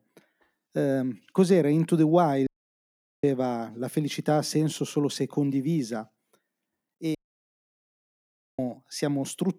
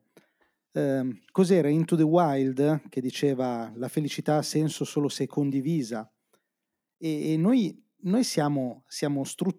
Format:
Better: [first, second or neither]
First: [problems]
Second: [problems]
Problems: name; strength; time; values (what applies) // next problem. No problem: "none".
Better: second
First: audio cutting out; at 2.5 s for 1 s and at 7 s for 1.5 s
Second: none